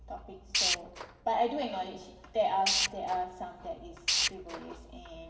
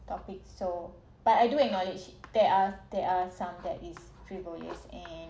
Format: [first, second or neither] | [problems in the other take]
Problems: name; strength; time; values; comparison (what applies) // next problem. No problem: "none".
second | background sound (Tools); 3 dB above the speech // room echo; dies away in 2.3 s